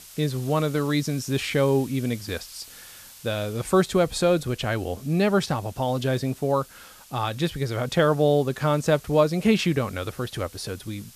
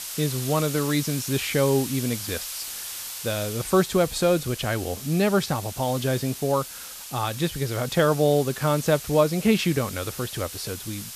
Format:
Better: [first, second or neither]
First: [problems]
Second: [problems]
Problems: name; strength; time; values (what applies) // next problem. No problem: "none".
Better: first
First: hiss; faint; throughout; 20 dB below the speech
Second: hiss; loud; throughout; 9 dB below the speech